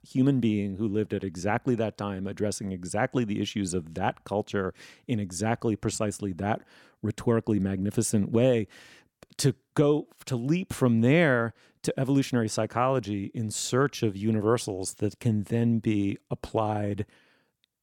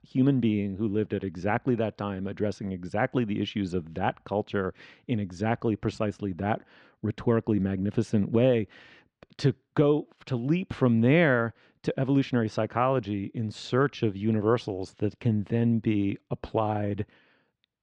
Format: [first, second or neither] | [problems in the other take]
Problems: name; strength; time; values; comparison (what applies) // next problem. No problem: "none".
first | muffled; slightly; fading above 4 kHz